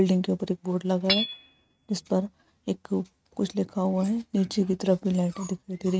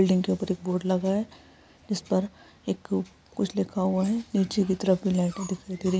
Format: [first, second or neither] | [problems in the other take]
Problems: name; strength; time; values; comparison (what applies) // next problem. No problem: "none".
second | noise reduction (neural mask model RNNoise)